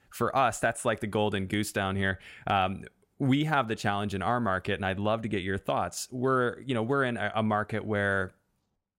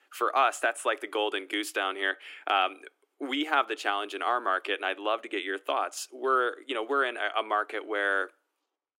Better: first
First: none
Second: thin; somewhat; fading below 300 Hz

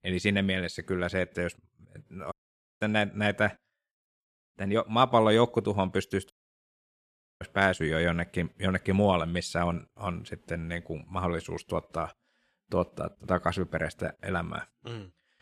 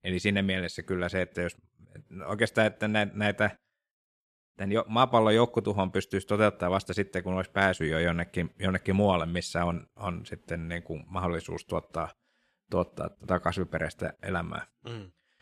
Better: second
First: audio cutting out; at 2.5 s and at 6.5 s for 1 s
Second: none

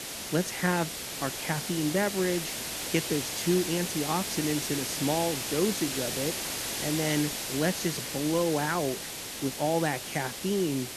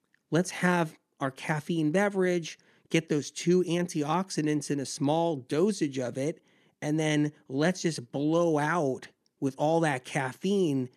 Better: second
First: hiss; loud; throughout; 3 dB below the speech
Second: none

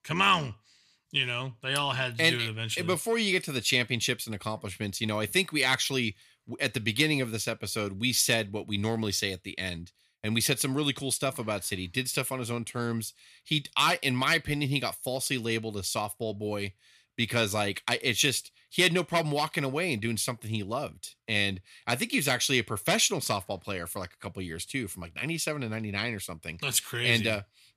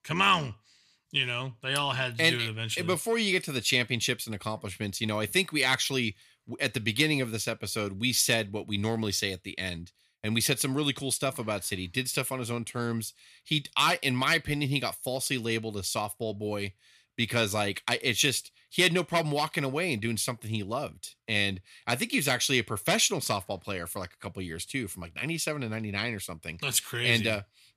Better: neither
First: none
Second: none

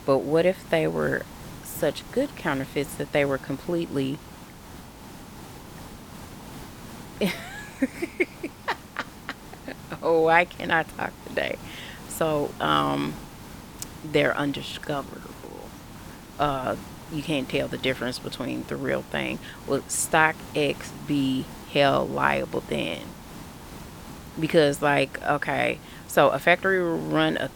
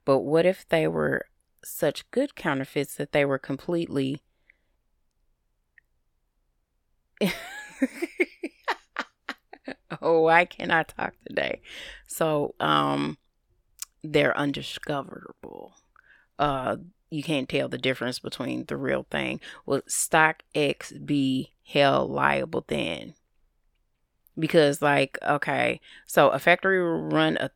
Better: second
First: hiss; noticeable; throughout; 15 dB below the speech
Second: none

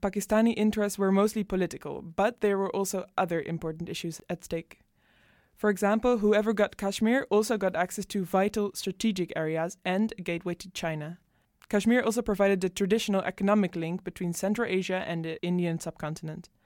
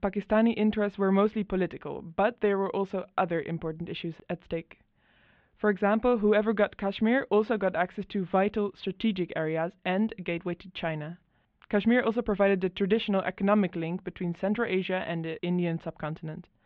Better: first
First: none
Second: muffled; very; fading above 3.5 kHz

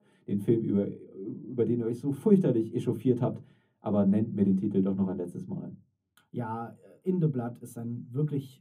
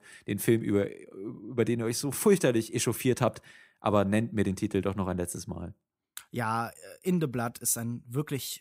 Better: second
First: room echo; slight; dies away in 0.3 s // off-mic speech; far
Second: none

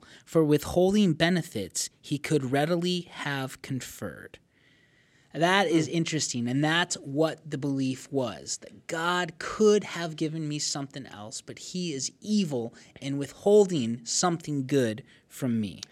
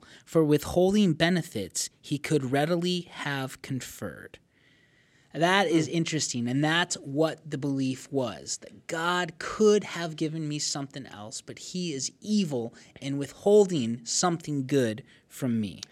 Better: neither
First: none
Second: none

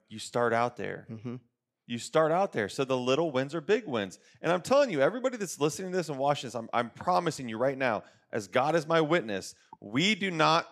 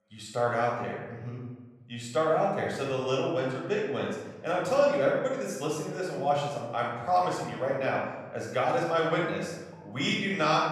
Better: first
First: none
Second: off-mic speech; far // room echo; noticeable; dies away in 1.1 s

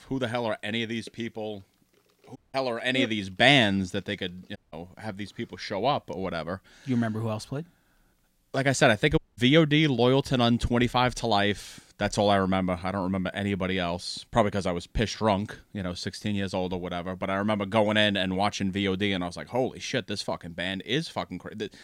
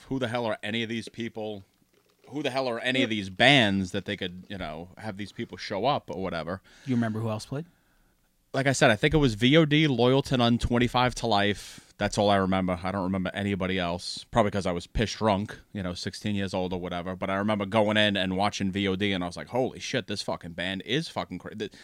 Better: second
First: audio cutting out; at 2.5 s, at 4.5 s and at 9 s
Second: none

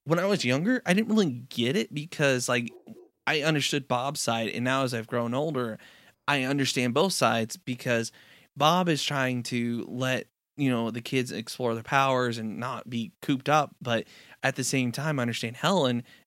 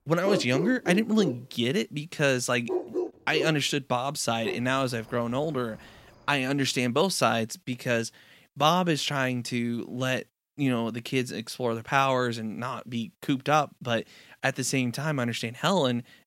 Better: first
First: animal sounds; faint; until 6.5 s; 30 dB below the speech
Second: animal sounds; loud; until 6.5 s; 6 dB below the speech

